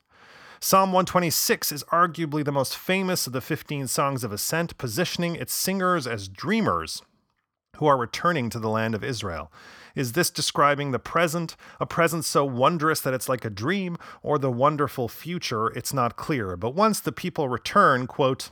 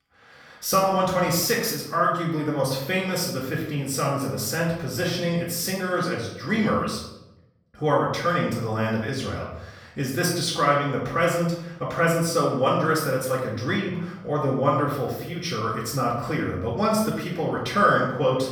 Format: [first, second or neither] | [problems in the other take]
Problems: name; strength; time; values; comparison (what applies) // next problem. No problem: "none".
first | room echo; noticeable; dies away in 0.7 s // off-mic speech; far